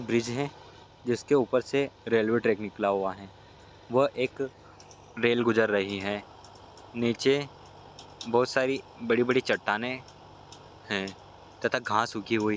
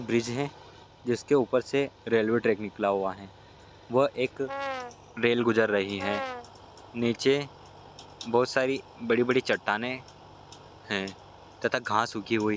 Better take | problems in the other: first | background sound (Brass instrument); 8 dB below the speech

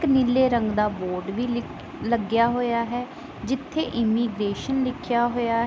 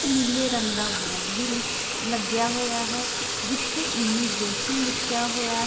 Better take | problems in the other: first | background sound (Sink (filling or washing) / Water tap, faucet); as loud as the speech // room echo; dies away in 1.1 s

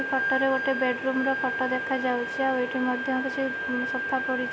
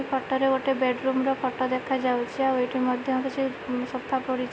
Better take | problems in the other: second | background sound (Wind instrument, woodwind instrument); 3 dB below the speech

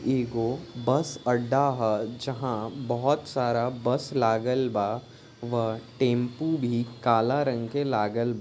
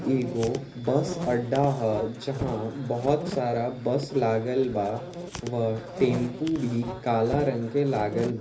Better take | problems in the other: first | background sound (Insect); 11 dB below the speech // room echo; dies away in 0.3 s

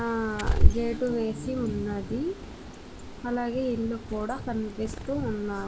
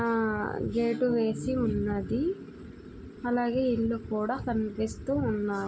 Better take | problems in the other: second | background sound (Bird); 2 dB above the speech

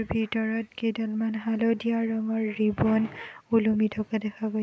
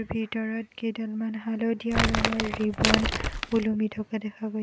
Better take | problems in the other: first | background sound (Crumpling, crinkling); 2 dB above the speech

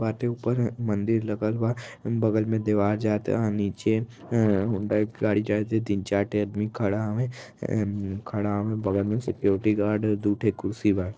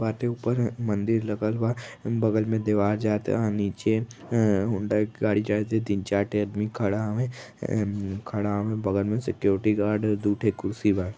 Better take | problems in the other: second | noise reduction (neural separator model SepFormer DNS4)

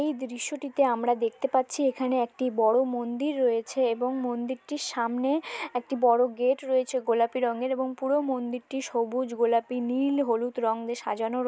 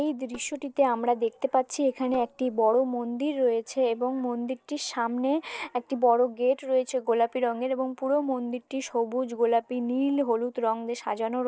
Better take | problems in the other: first | noise reduction (neural separator model SepFormer DNS4)

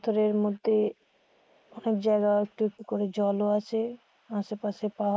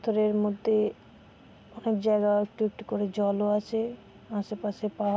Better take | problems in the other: second | noise reduction (neural mask model Resemble Enhance denoiser)

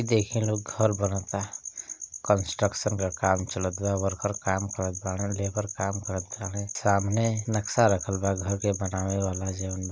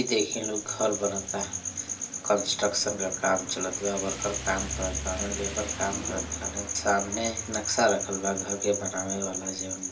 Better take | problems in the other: first | background sound (Rain); 12 dB below the speech // room echo; dies away in 0.3 s

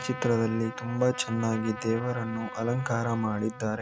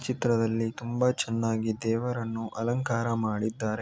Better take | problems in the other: second | background sound (Trumpet); 13 dB below the speech

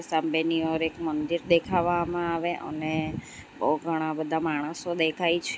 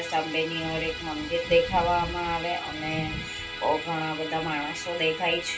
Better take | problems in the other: first | background sound (Musical instrument); 9 dB below the speech // room echo; dies away in 0.2 s

